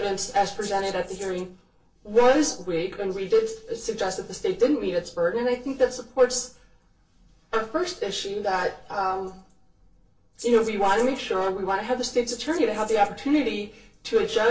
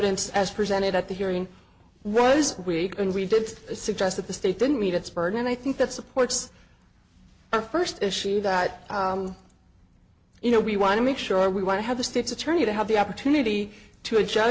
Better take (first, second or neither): second